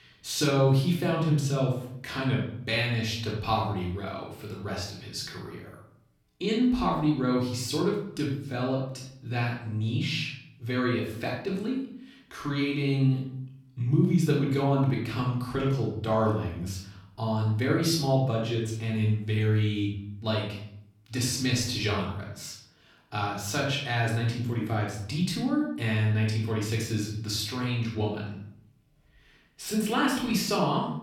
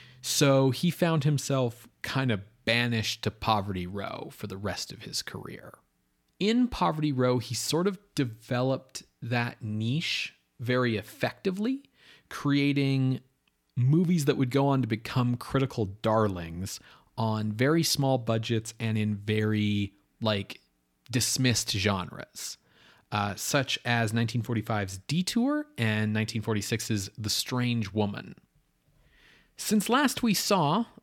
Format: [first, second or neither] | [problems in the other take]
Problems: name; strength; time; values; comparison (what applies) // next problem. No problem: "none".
second | off-mic speech; far // room echo; noticeable; dies away in 0.6 s